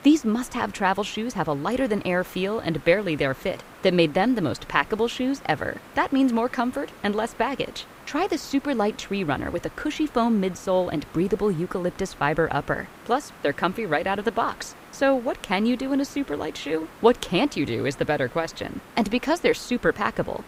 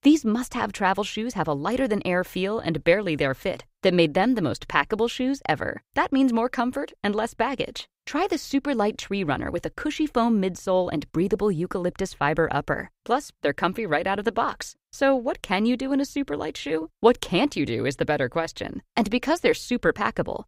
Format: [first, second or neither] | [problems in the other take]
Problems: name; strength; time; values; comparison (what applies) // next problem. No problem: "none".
second | hiss; faint; throughout; 20 dB below the speech